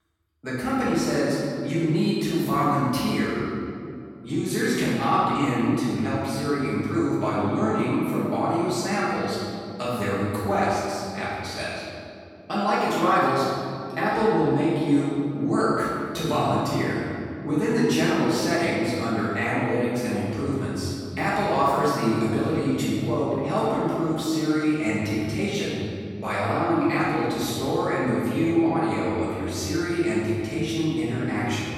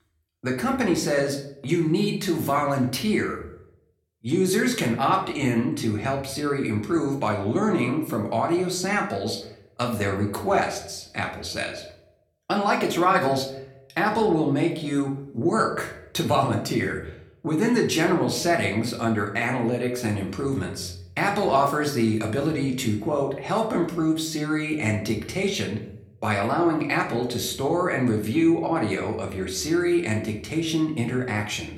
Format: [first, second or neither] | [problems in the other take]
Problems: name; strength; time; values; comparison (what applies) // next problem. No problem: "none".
second | room echo; strong; dies away in 2.4 s; slight in the second // off-mic speech; far; somewhat distant in the second